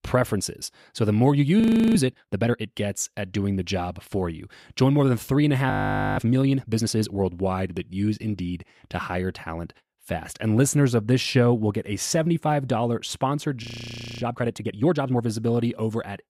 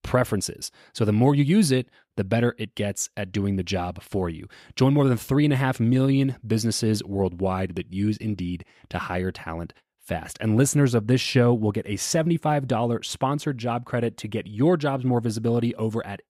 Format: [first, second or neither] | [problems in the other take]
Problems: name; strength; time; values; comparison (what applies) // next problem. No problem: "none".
second | audio freezing; at 1.5 s, at 5.5 s and at 14 s for 0.5 s